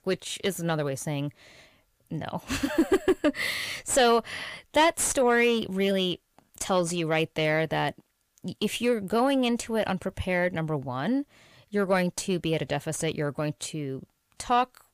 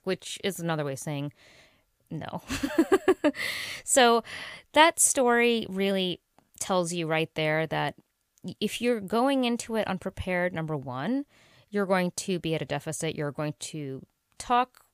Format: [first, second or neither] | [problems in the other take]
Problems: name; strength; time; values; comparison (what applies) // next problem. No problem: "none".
second | distortion; slight; 10 dB below the speech